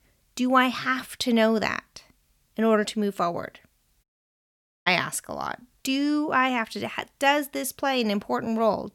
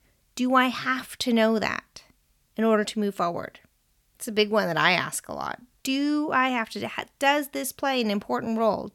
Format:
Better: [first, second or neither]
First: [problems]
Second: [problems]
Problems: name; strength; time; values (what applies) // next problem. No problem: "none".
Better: second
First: audio cutting out; at 4 s for 1 s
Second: none